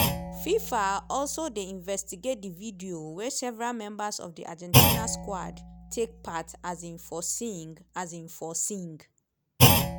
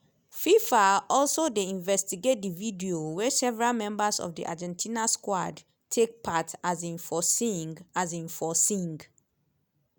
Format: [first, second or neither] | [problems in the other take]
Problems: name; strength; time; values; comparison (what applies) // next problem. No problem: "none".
second | background sound (Thump, thud); 4 dB above the speech